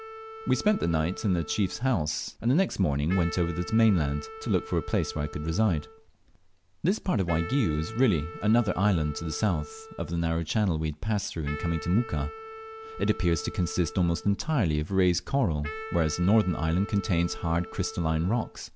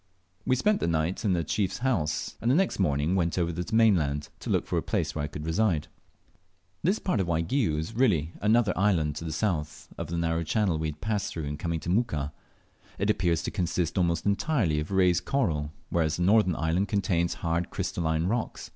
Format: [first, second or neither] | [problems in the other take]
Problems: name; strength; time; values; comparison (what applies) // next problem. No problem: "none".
second | background sound (Wind instrument, woodwind instrument); 16 dB below the speech